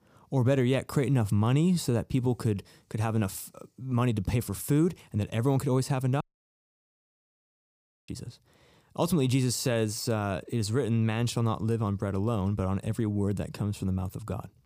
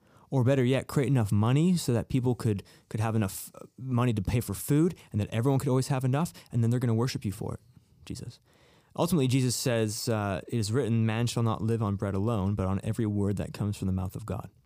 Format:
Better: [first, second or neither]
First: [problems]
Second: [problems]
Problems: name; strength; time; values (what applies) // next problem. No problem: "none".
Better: second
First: audio cutting out; at 6 s for 2 s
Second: none